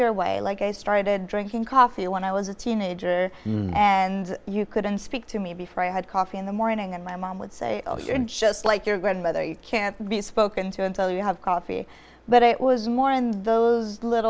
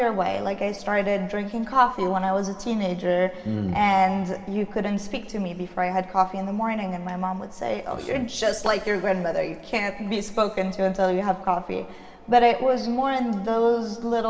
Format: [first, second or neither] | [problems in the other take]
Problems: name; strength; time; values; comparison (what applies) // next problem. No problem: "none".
first | room echo; dies away in 2 s